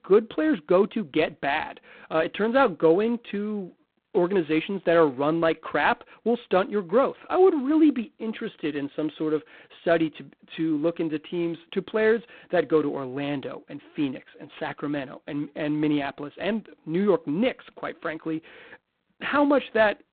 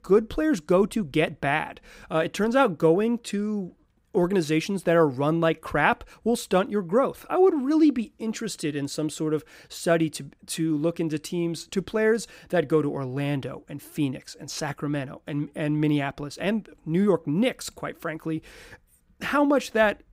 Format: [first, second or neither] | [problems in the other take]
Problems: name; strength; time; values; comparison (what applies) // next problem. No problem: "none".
second | phone-call audio; poor line; nothing above 4 kHz